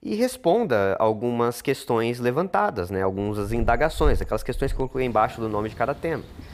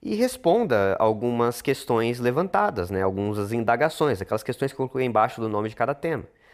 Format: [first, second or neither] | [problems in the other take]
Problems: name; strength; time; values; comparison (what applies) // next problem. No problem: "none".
second | animal sounds; noticeable; from 3.5 s on; 10 dB below the speech